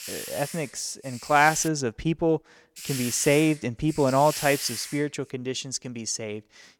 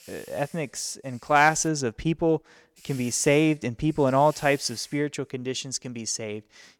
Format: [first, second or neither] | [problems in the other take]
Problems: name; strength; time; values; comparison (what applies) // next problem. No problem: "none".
second | hiss; loud; until 1.5 s and from 3 to 5.5 s; 10 dB below the speech; faint in the second